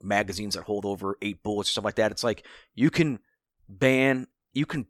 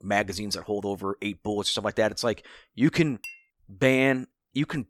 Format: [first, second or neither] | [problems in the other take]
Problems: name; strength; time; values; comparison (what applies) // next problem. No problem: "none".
first | clattering dishes; faint; at 3 s; peak 15 dB below the speech